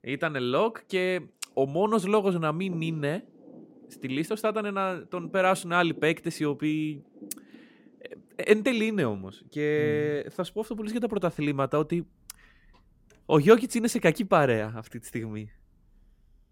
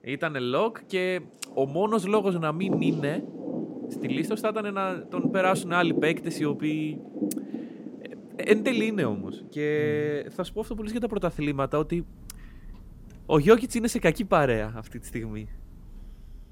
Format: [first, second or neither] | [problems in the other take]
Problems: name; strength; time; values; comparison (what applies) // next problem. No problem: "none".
first | rain or running water; loud; throughout; 7 dB below the speech; faint in the first